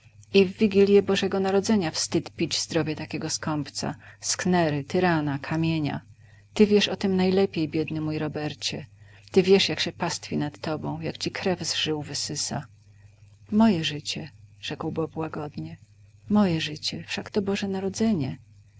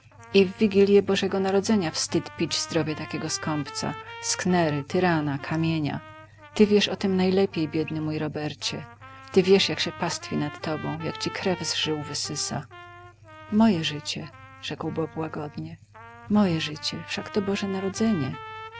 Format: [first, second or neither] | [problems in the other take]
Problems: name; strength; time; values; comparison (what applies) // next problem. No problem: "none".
first | background sound (Trumpet); 18 dB below the speech